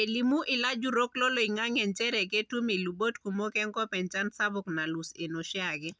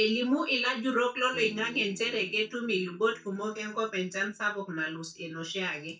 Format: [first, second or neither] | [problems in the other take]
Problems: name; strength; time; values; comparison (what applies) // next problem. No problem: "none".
first | noise reduction (neural mask model DeepFilterNet 3)